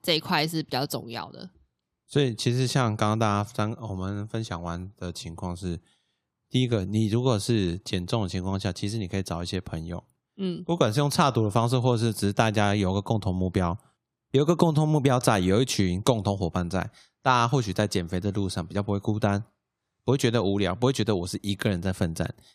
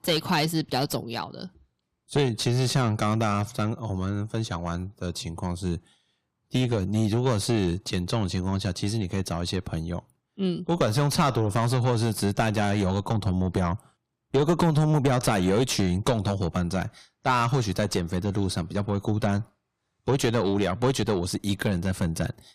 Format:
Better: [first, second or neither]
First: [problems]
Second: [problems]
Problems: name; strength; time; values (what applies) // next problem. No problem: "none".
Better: first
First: none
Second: distortion; heavy; 7 dB below the speech